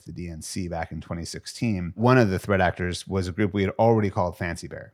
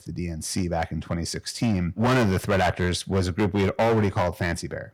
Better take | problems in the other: first | distortion; heavy; 10% of the sound clipped

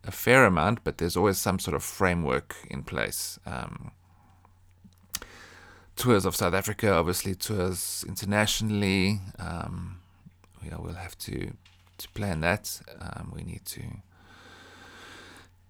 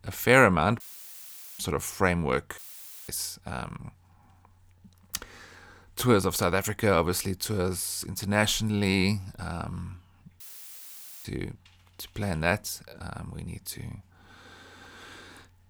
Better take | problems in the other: first | audio cutting out; filled with static; at 1 s for 1 s, at 2.5 s for 0.5 s and at 10 s for 1 s

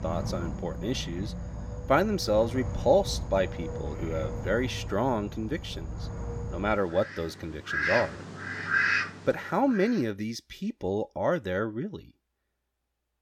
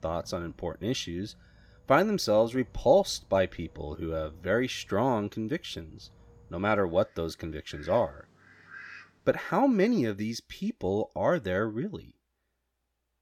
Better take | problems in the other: second | animal sounds; loud; until 9.5 s; 4 dB below the speech; faint in the second

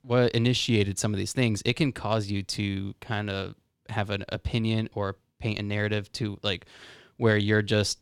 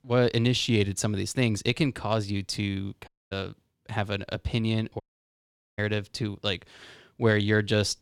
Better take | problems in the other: first | audio cutting out; at 3 s and at 5 s for 1 s

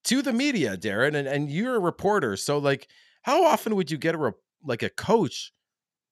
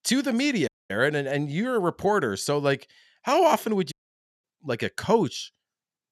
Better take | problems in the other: first | audio cutting out; at 0.5 s and at 4 s for 0.5 s

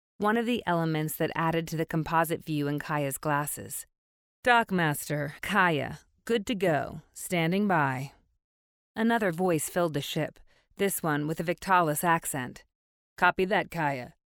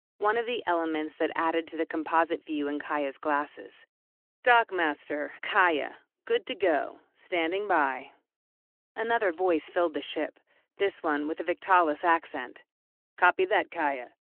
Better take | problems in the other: first | phone-call audio

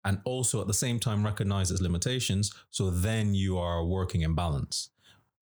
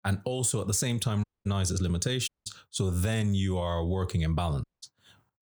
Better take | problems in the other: first | audio cutting out; at 1 s, at 2.5 s and at 4.5 s

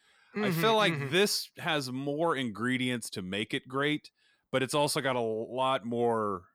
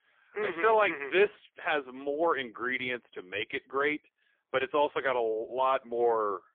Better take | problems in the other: first | phone-call audio; poor line; nothing above 3.5 kHz

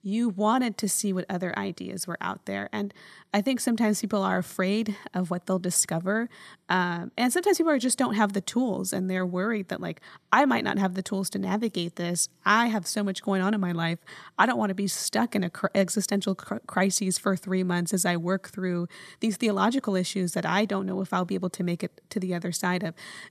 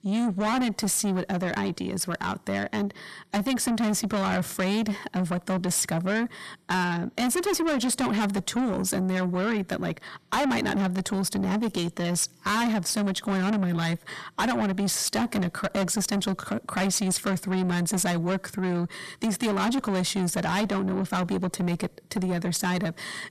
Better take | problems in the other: first | distortion; heavy; 6 dB below the speech

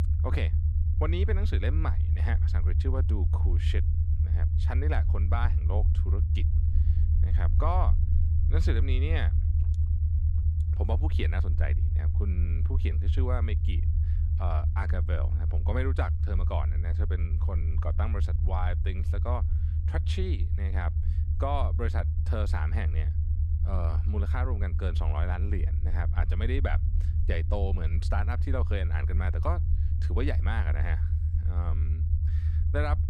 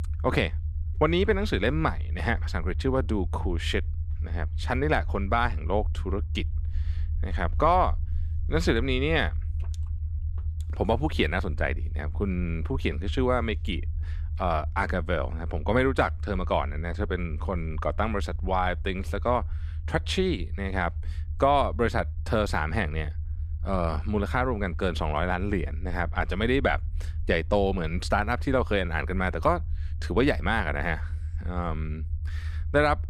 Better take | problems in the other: second | low rumble; loud; throughout; 7 dB below the speech; faint in the second

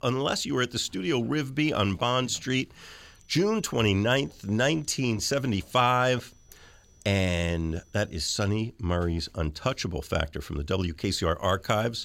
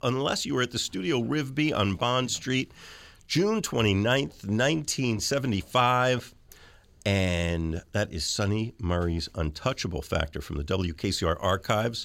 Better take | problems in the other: second | high-pitched whine; faint; from 3 to 8.5 s; 6 kHz, 35 dB below the speech

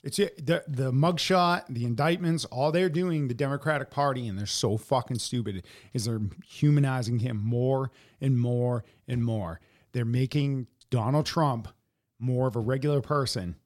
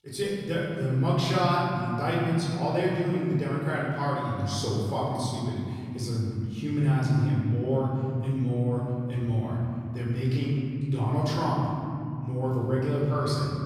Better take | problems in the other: first | room echo; noticeable; dies away in 2.8 s // off-mic speech; far

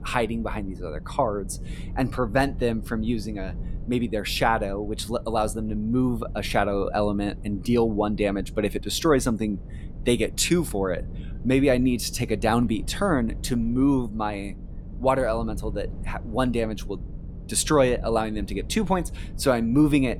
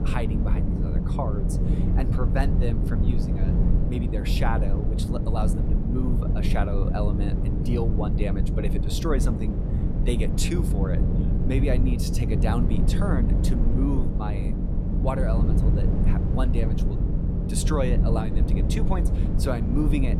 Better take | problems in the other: first | low rumble; loud; throughout; 2 dB below the speech; faint in the first

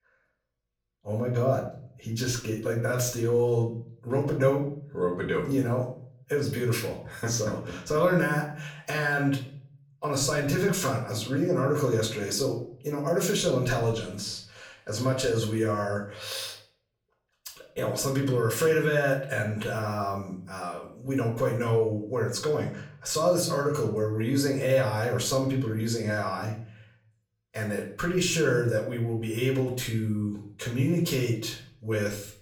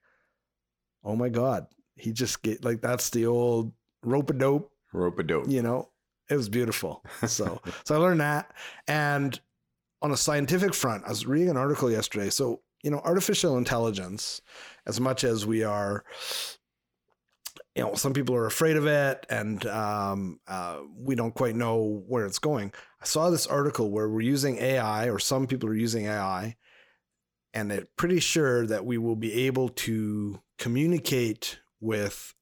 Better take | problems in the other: second | room echo; slight; dies away in 0.5 s // off-mic speech; far

